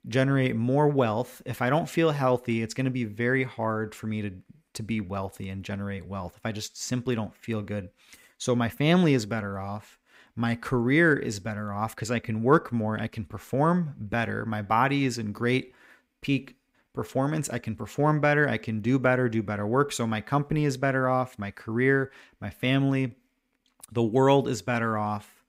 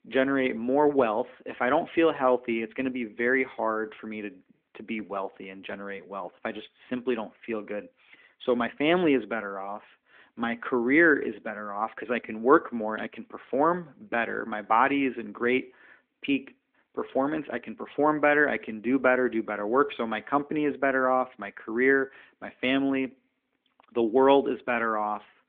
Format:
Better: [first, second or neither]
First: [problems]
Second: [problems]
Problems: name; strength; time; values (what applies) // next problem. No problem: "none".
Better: first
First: none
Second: phone-call audio; nothing above 3.5 kHz